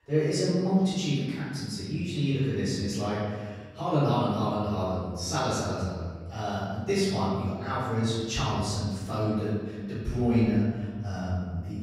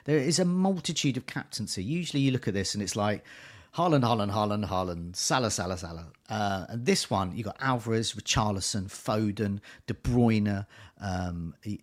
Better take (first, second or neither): second